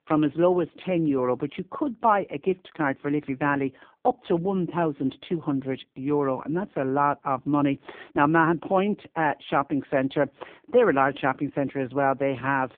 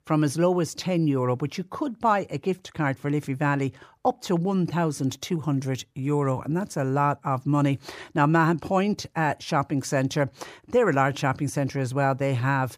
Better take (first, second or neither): second